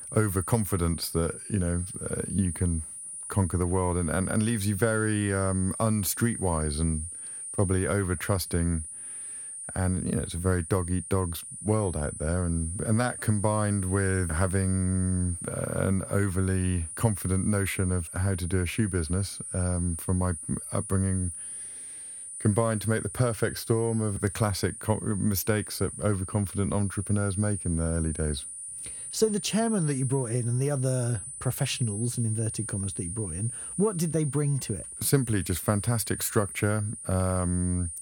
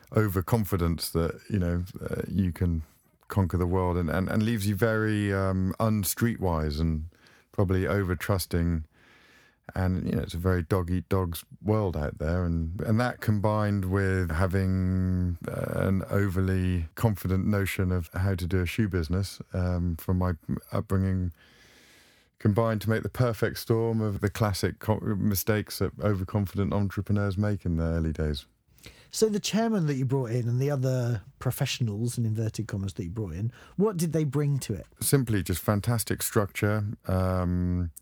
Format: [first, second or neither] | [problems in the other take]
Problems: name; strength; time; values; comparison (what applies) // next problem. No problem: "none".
second | high-pitched whine; loud; throughout; 9.5 kHz, 8 dB below the speech